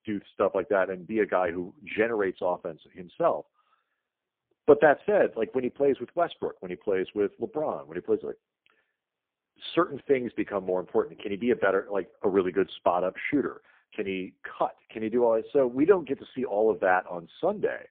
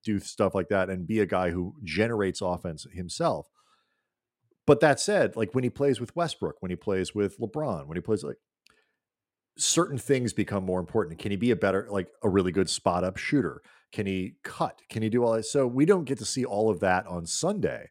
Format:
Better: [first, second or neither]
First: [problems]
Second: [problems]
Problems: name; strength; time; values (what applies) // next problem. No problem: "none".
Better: second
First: phone-call audio; poor line; nothing above 3.5 kHz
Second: none